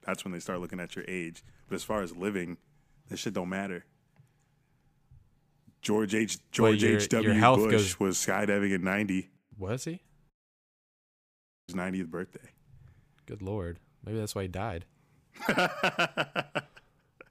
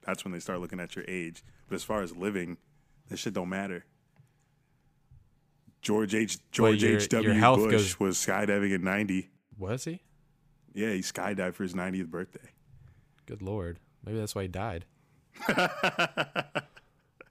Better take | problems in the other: second | audio cutting out; at 10 s for 1.5 s

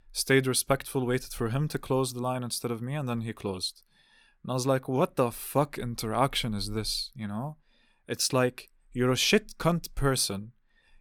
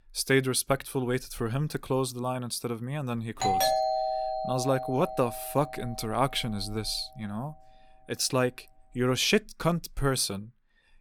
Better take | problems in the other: first | doorbell; loud; from 3.5 to 6.5 s; peak 4 dB above the speech

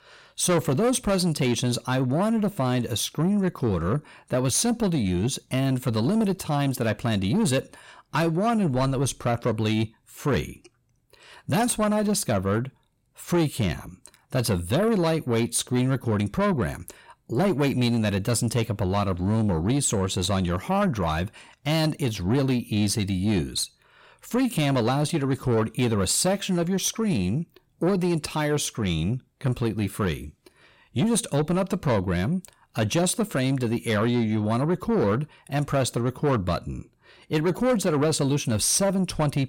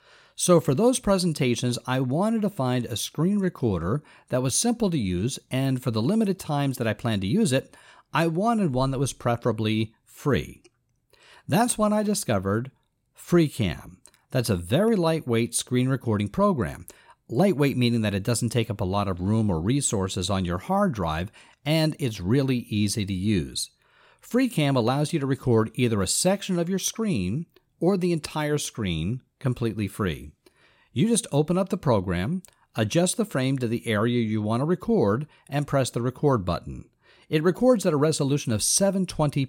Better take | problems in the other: second | distortion; slight; 10 dB below the speech

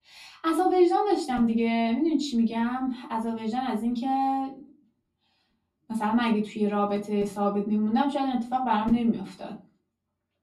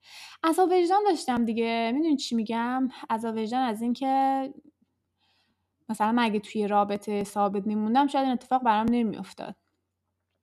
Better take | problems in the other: second | off-mic speech; far // room echo; very slight; dies away in 0.3 s

